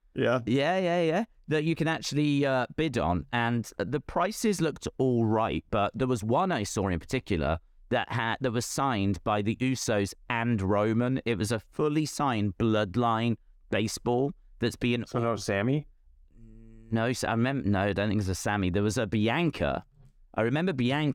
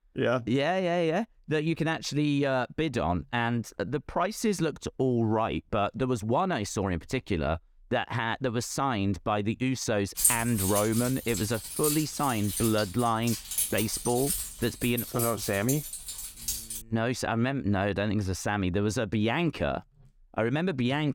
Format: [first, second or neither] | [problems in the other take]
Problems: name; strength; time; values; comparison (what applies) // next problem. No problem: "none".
first | jangling keys; loud; from 10 to 17 s; peak 5 dB above the speech